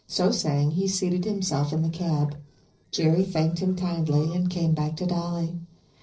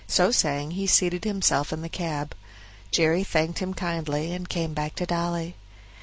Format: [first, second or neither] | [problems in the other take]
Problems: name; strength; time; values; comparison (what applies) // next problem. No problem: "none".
second | noise reduction (neural separator model SepFormer DNS4)